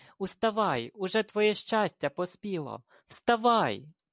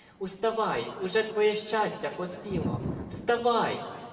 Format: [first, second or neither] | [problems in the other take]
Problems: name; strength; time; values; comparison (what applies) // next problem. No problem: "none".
first | background sound (Thunder); 11 dB below the speech // room echo; dies away in 2.1 s